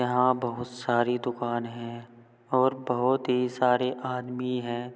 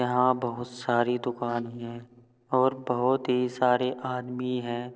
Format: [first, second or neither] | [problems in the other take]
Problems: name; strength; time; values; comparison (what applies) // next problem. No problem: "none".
first | noise reduction (neural separator model SepFormer DNS4)